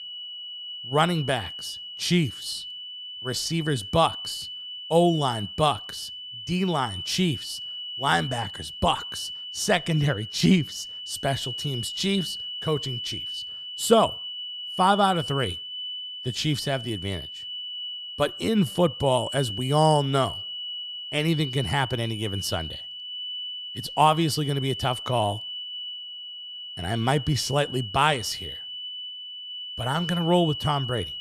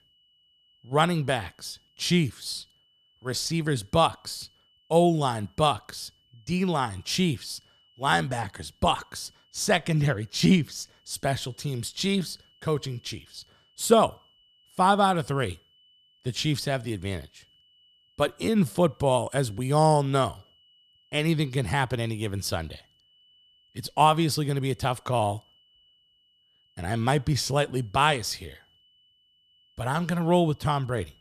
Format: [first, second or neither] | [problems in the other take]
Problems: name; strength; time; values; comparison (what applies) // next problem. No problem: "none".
second | high-pitched whine; loud; throughout; 3 kHz, 8 dB below the speech; faint in the second